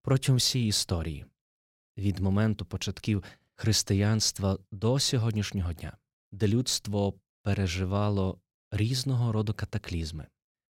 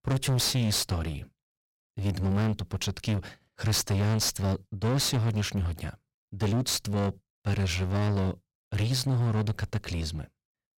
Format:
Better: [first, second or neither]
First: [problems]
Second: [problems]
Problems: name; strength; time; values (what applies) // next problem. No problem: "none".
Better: first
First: none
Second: distortion; heavy; 19% of the sound clipped